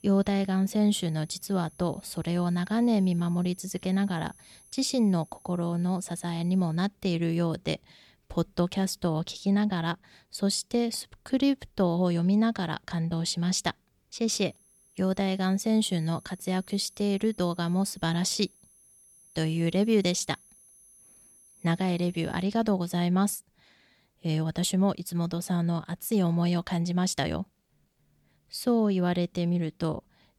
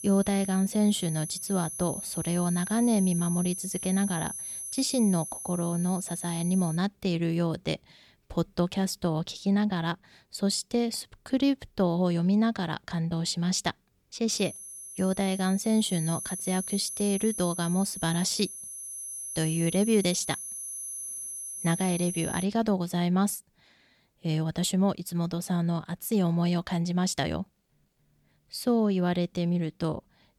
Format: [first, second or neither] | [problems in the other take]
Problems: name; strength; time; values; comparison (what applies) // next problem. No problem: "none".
first | high-pitched whine; loud; until 7 s and from 14 to 22 s; 10.5 kHz, 7 dB below the speech; faint in the first